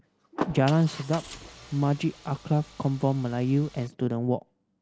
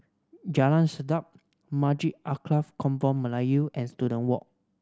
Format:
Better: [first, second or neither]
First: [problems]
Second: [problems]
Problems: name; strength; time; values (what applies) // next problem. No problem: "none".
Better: second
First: background sound (Car + Engine); 13 dB below the speech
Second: none